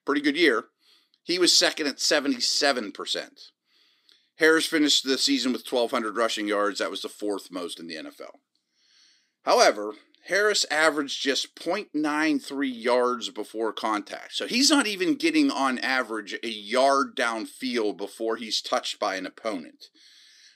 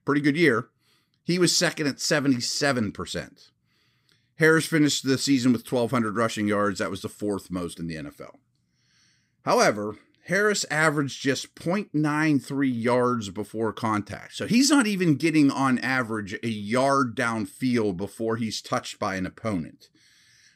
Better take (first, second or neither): second